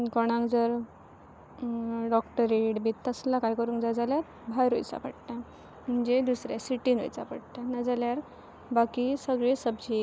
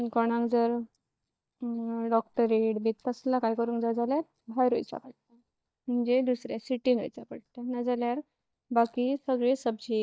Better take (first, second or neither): first